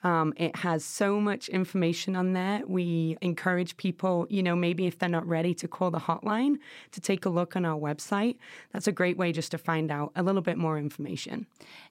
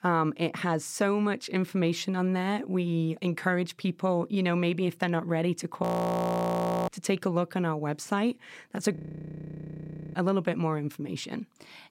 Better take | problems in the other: first | audio freezing; at 6 s for 1 s and at 9 s for 1 s

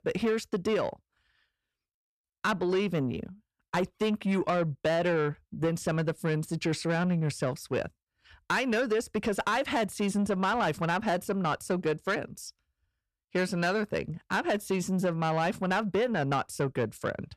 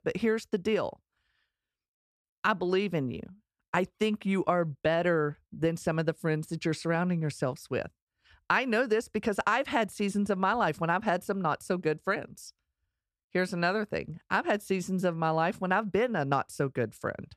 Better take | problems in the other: second | distortion; slight; 10 dB below the speech

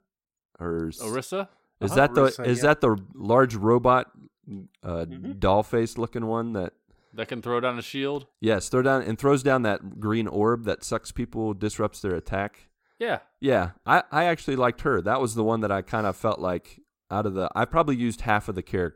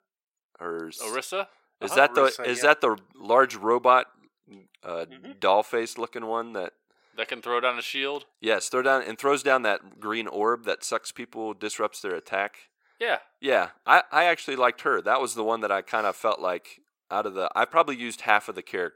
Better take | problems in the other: first | thin; somewhat; fading below 500 Hz

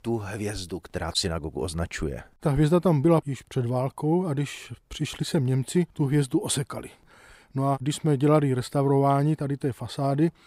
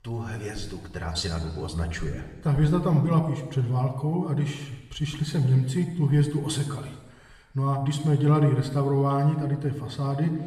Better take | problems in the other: first | room echo; noticeable; dies away in 1.1 s // off-mic speech; somewhat distant

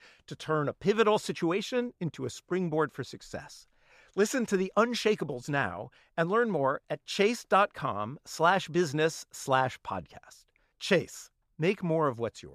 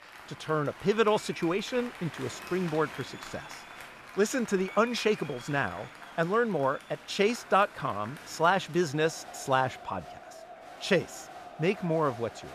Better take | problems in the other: first | crowd noise; noticeable; throughout; 15 dB below the speech

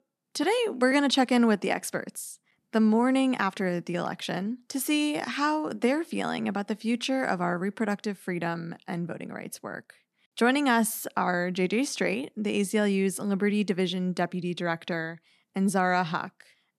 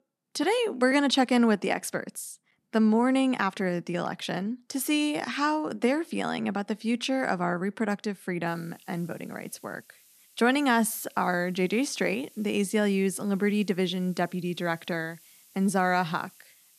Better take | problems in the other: first | hiss; faint; from 8.5 s on; 25 dB below the speech

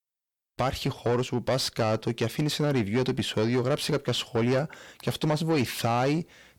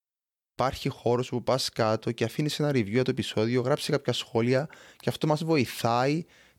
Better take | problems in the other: second | distortion; slight; 10 dB below the speech

